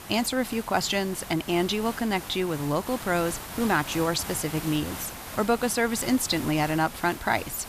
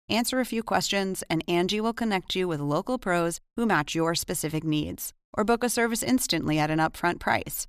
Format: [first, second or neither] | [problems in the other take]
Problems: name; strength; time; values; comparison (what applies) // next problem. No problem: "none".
second | hiss; noticeable; throughout; 10 dB below the speech